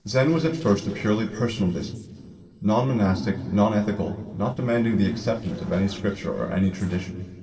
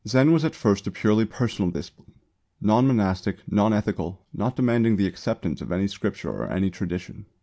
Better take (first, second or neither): second